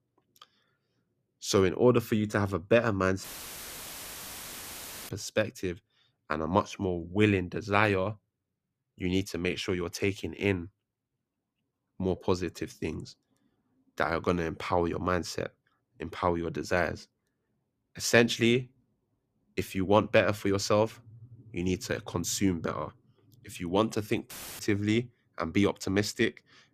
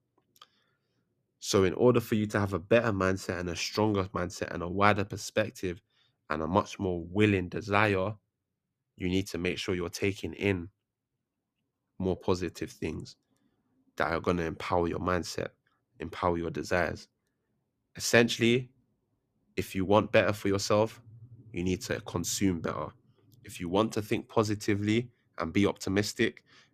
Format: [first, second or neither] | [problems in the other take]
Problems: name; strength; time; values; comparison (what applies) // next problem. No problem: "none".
second | audio cutting out; filled with static; at 3 s for 2 s and at 24 s